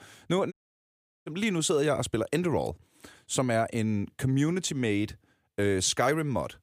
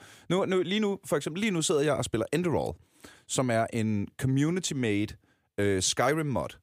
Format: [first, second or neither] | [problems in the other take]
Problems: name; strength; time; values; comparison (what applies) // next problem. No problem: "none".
second | audio cutting out; at 0.5 s for 0.5 s